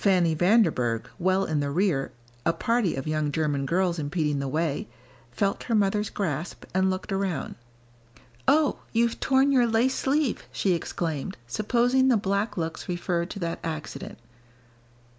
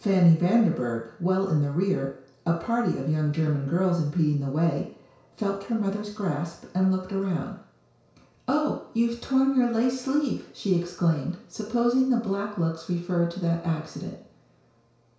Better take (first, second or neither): first